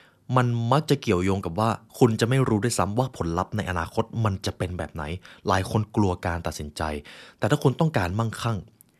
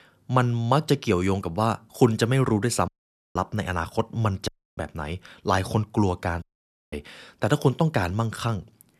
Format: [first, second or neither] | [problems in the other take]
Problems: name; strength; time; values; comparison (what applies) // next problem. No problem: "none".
first | audio cutting out; at 3 s, at 4.5 s and at 6.5 s for 0.5 s